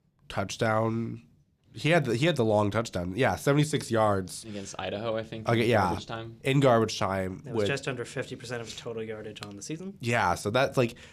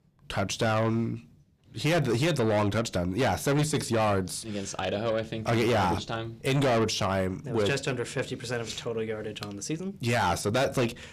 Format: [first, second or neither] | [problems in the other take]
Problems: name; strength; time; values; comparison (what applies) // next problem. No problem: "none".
first | distortion; heavy; 8 dB below the speech